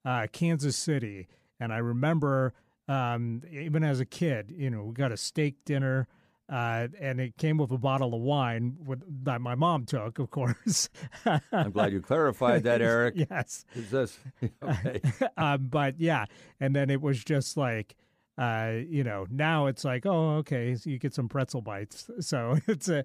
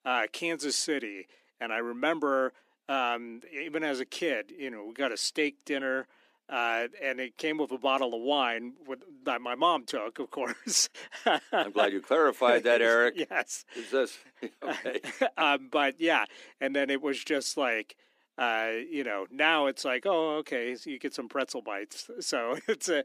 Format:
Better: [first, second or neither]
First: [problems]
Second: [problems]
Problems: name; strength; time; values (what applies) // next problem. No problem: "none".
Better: first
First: none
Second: thin; somewhat; fading below 300 Hz